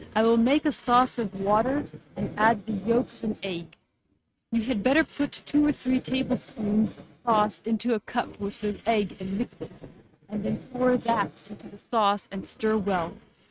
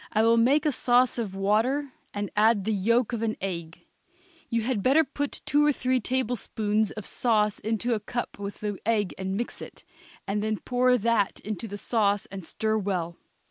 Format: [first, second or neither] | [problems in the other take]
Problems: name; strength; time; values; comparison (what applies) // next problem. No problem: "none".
second | noise reduction (neural mask model RNNoise)